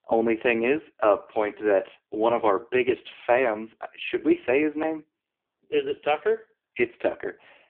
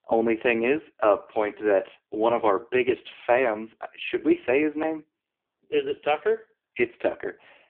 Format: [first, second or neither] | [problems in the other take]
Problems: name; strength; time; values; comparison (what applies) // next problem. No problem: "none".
neither | phone-call audio; poor line; the same in both